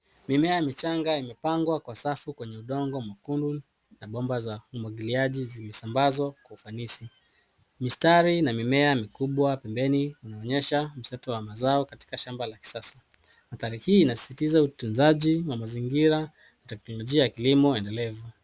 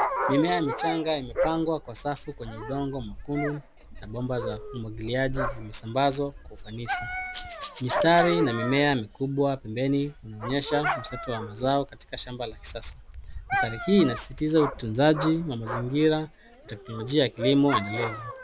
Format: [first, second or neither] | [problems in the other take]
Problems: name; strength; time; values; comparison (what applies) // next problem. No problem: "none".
first | background sound (Dog + Rattle (instrument)); 6 dB below the speech